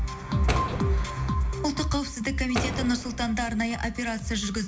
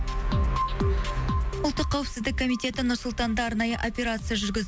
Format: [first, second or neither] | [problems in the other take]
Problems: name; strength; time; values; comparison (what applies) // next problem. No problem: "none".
second | background sound (Door); 8 dB below the speech // room echo; dies away in 0.4 s